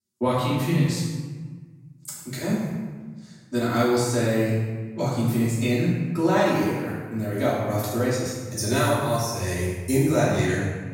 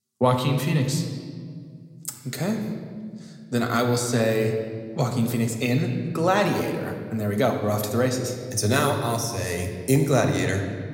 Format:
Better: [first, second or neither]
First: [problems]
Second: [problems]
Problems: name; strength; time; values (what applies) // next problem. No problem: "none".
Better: second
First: room echo; strong; dies away in 1.3 s // off-mic speech; far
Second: room echo; slight; dies away in 1.5 s